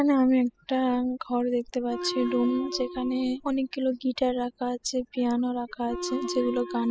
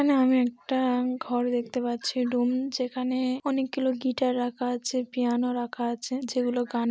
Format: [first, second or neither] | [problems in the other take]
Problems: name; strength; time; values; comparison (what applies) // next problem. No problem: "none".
second | noise reduction (classical method spectral subtraction)